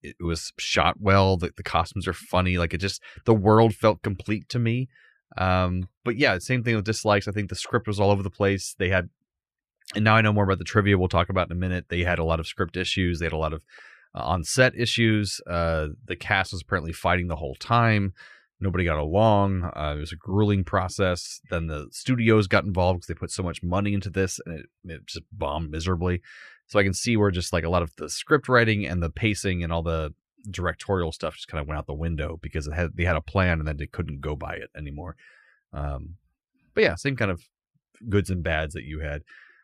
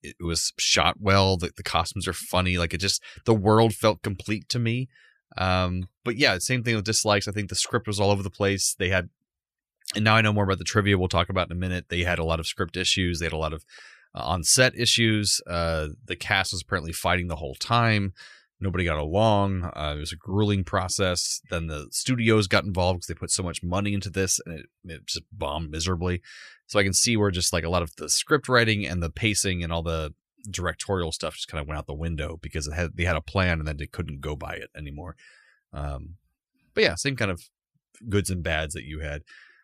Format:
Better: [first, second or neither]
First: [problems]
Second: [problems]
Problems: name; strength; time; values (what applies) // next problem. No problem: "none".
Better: second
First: muffled; slightly; fading above 3.5 kHz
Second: none